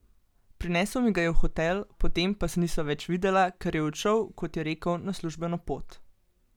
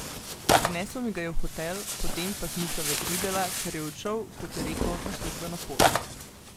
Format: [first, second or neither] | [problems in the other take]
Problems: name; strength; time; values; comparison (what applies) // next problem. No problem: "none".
first | background sound (Tearing); 2 dB above the speech